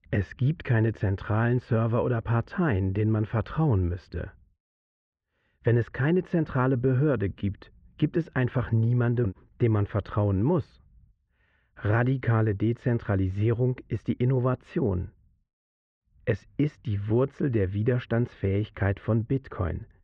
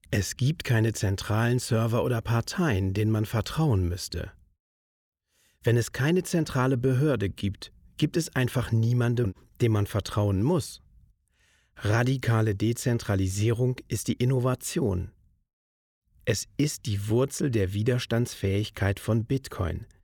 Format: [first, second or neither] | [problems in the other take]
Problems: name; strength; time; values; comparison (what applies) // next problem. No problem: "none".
second | muffled; very; fading above 2 kHz